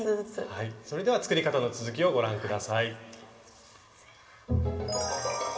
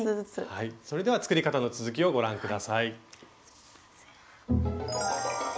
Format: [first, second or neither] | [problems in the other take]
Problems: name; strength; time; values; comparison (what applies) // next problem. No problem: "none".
second | room echo; dies away in 1.8 s